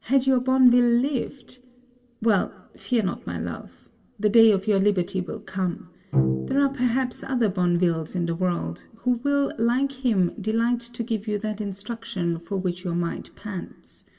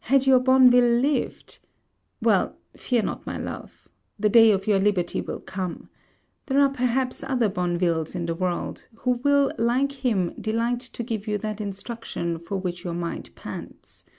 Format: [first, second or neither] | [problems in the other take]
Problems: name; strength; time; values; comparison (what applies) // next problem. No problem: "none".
second | background sound (Bowed string instrument); 7 dB below the speech // room echo; dies away in 1.5 s